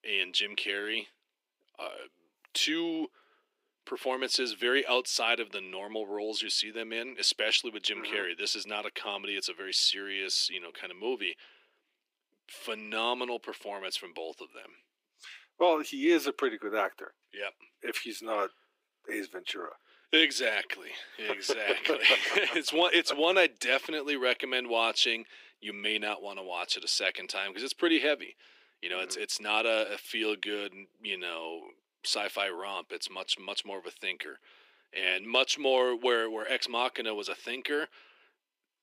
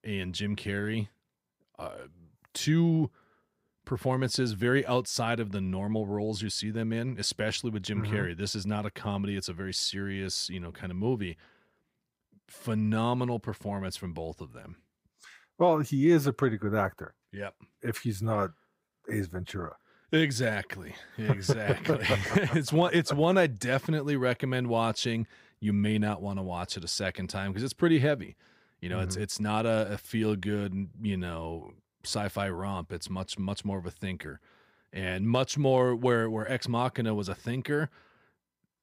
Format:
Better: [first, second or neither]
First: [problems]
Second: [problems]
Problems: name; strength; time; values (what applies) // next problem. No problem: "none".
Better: second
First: thin; very; fading below 300 Hz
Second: none